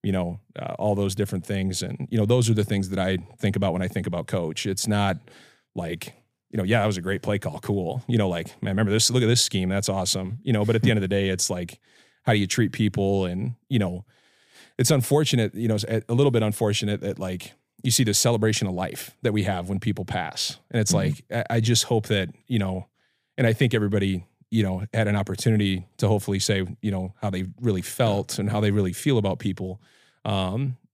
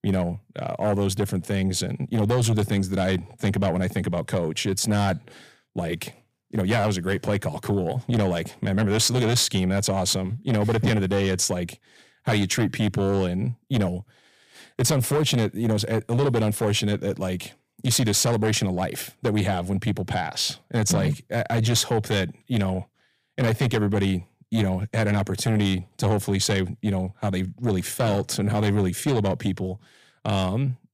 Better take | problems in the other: first | distortion; slight; 10 dB below the speech

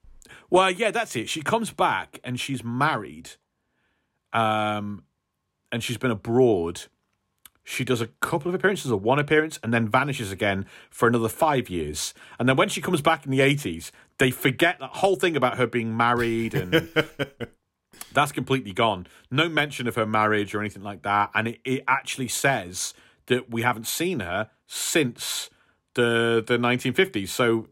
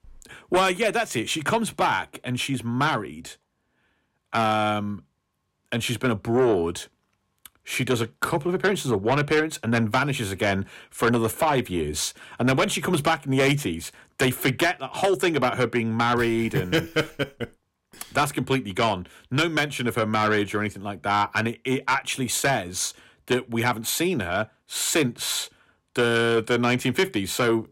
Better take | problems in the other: first | distortion; slight; 10 dB below the speech

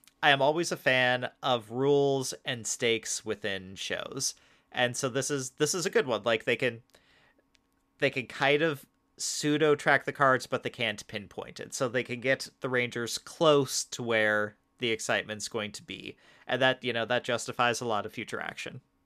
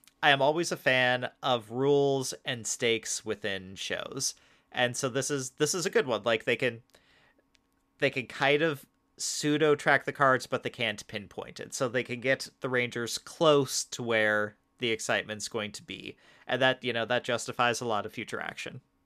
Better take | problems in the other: neither | none

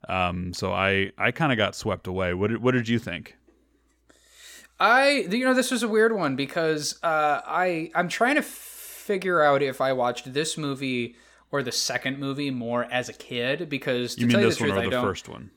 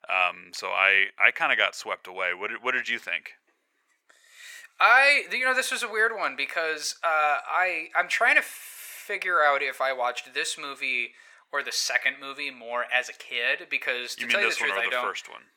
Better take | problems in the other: first | thin; very; fading below 800 Hz

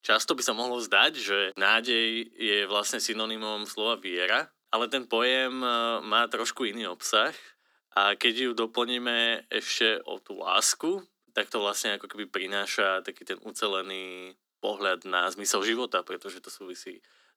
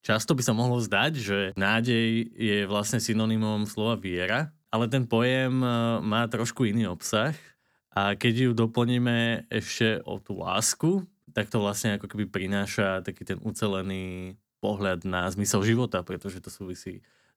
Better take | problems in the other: second | thin; very; fading below 300 Hz

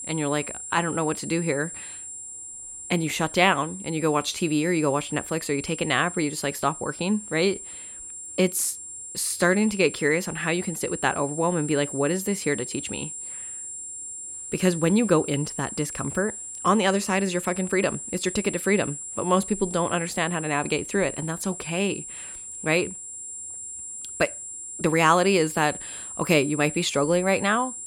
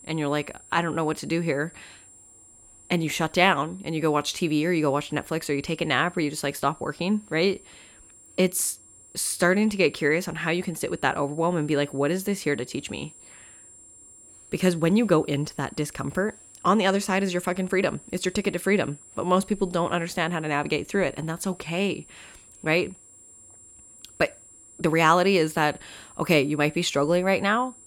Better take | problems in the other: second | high-pitched whine; loud; throughout; 7.5 kHz, 9 dB below the speech; faint in the second

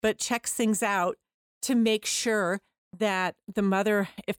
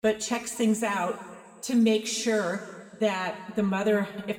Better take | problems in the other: first | room echo; slight; dies away in 1.6 s // off-mic speech; somewhat distant

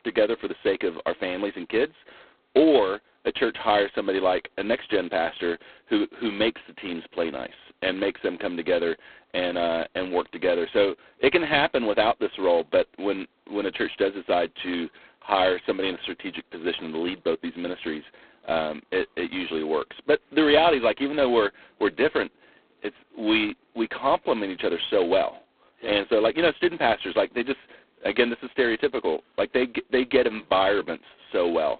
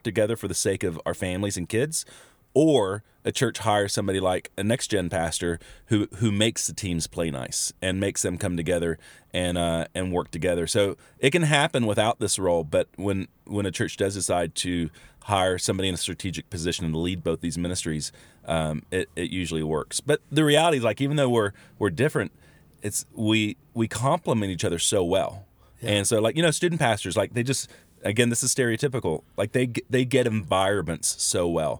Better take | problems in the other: second | phone-call audio; poor line; nothing above 3.5 kHz

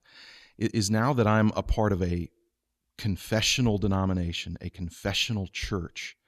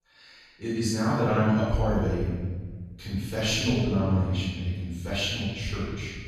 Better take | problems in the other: first | off-mic speech; far // room echo; strong; dies away in 1.5 s

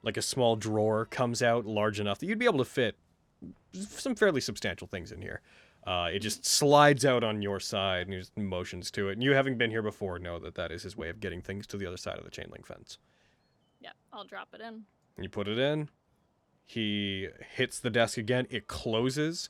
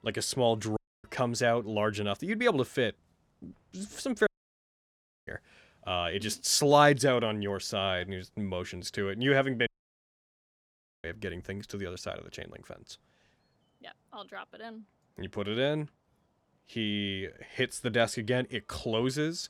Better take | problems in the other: first | audio cutting out; at 1 s, at 4.5 s for 1 s and at 9.5 s for 1.5 s

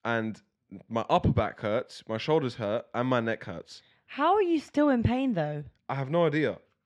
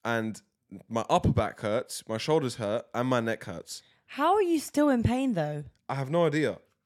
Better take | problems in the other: second | muffled; very slightly; fading above 3 kHz

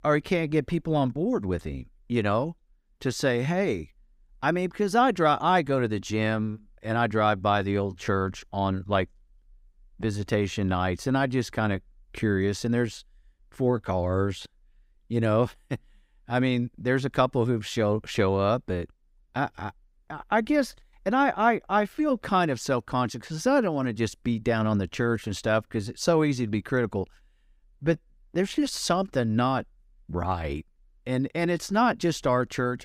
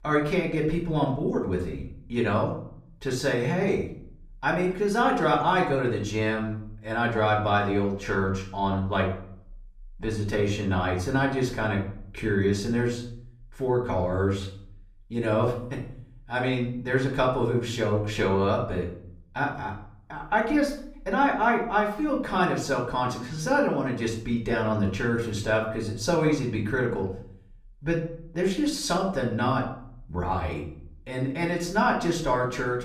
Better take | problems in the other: first | room echo; slight; dies away in 0.5 s // off-mic speech; far

